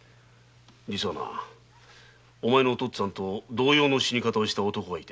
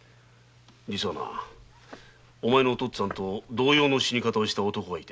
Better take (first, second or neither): first